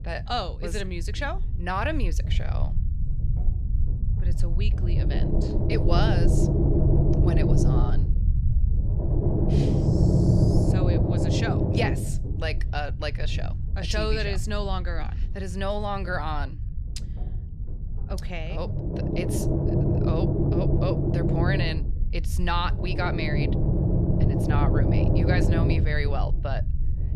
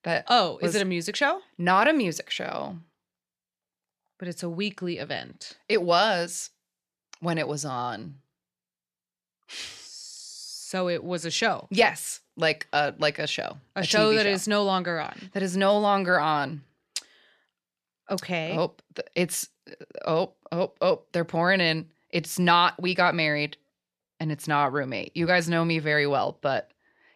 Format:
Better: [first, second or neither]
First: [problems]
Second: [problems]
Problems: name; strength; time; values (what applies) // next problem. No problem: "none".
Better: second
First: low rumble; loud; throughout; as loud as the speech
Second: none